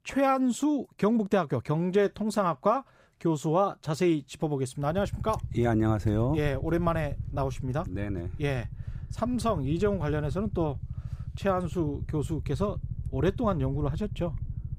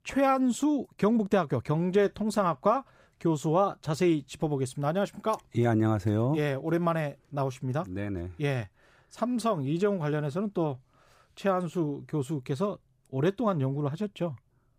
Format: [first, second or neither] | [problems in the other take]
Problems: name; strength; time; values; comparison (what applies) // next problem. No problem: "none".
second | low rumble; faint; from 5 s on; 20 dB below the speech